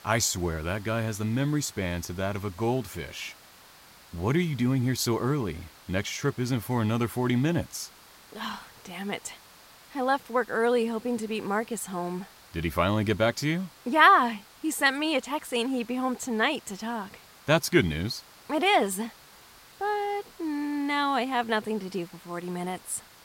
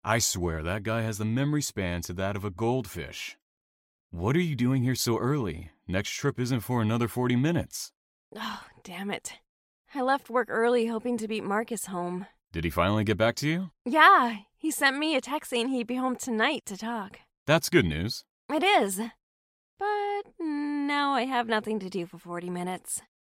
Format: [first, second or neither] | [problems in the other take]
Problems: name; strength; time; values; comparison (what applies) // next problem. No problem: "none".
second | hiss; faint; throughout; 25 dB below the speech